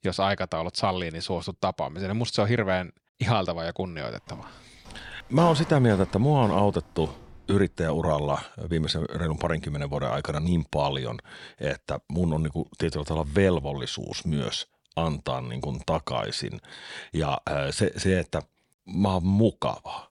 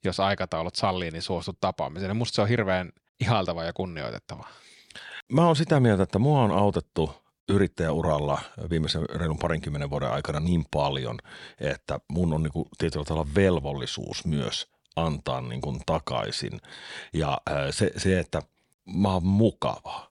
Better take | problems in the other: second | footsteps; noticeable; from 4.5 to 7.5 s; peak 7 dB below the speech

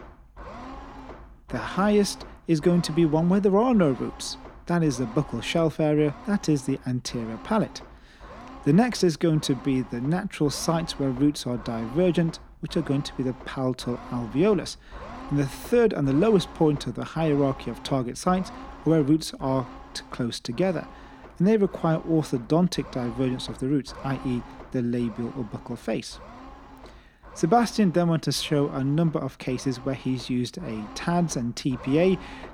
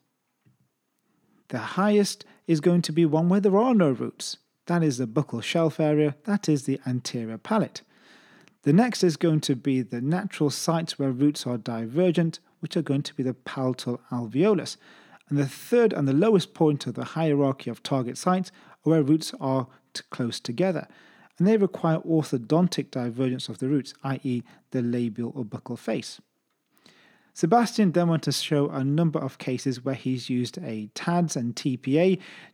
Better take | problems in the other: second | low rumble; noticeable; throughout; 15 dB below the speech

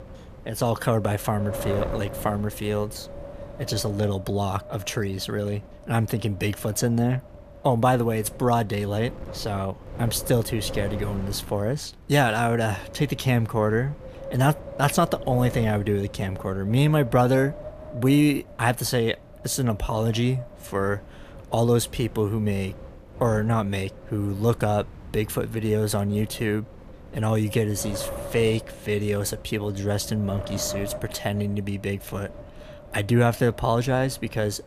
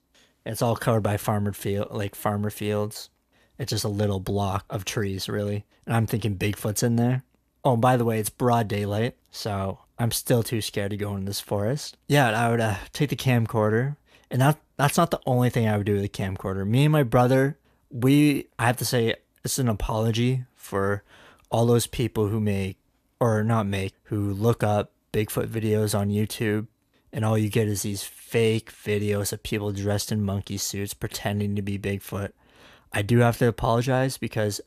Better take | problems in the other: second | wind noise on the microphone; occasional gusts; 15 dB below the speech

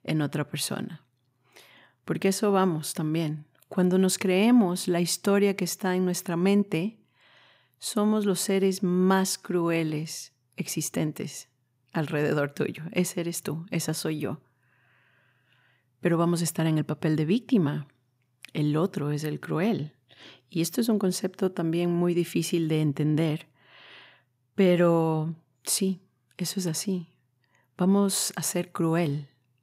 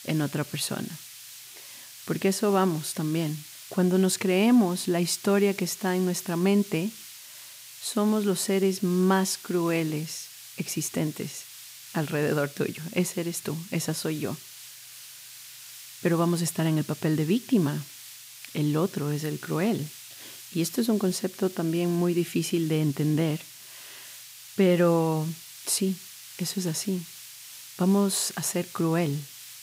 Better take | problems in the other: first | hiss; noticeable; throughout; 15 dB below the speech

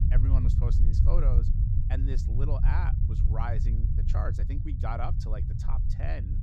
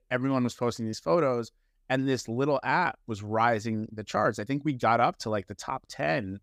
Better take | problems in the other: second | low rumble; loud; throughout; 4 dB below the speech

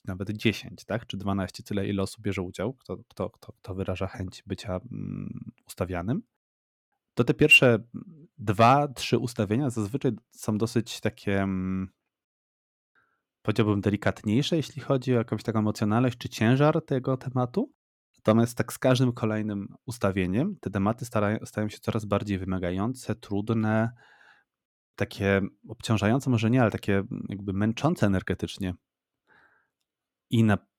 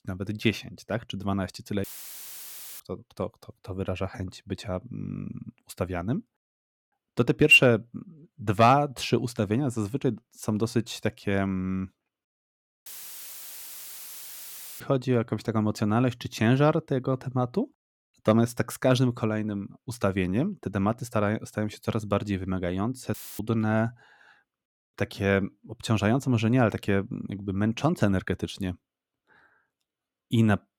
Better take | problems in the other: first | audio cutting out; filled with static; at 2 s for 1 s, at 13 s for 2 s and at 23 s

